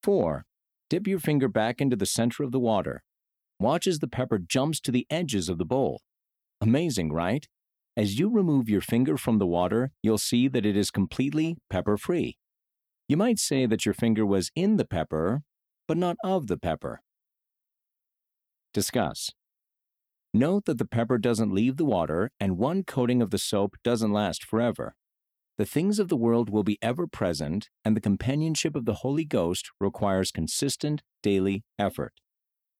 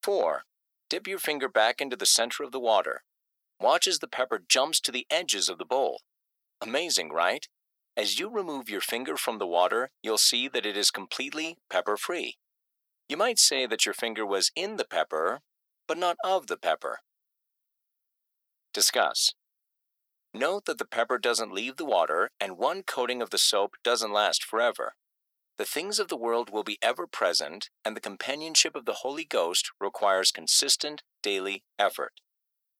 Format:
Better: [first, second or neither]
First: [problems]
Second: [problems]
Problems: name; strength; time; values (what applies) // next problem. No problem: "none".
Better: first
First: none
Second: thin; very; fading below 550 Hz